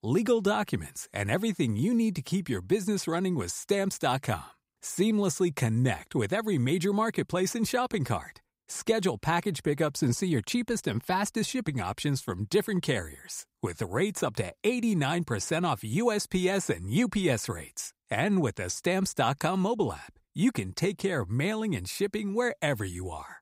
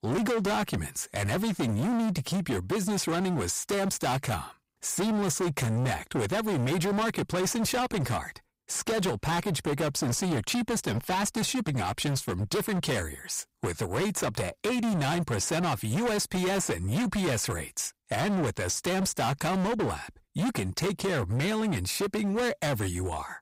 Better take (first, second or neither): first